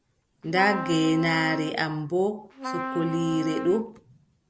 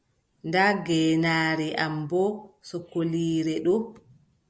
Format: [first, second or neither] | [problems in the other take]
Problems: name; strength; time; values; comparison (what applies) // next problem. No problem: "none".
second | background sound (Trumpet); 8 dB below the speech